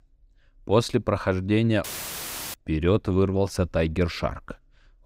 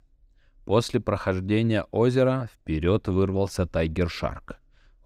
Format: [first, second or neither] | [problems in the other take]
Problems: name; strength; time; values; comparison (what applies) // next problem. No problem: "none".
second | audio cutting out; filled with static; at 2 s for 0.5 s